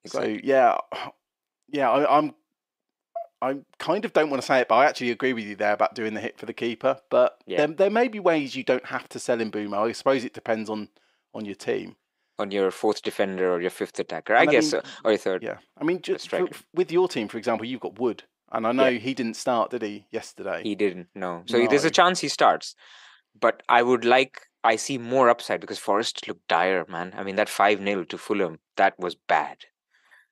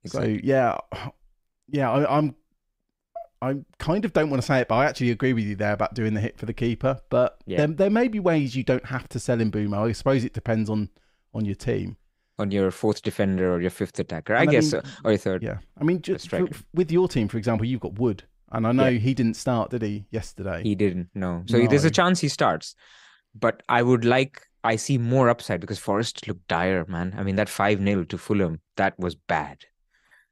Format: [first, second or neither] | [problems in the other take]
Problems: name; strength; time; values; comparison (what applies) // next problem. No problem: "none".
second | thin; somewhat; fading below 350 Hz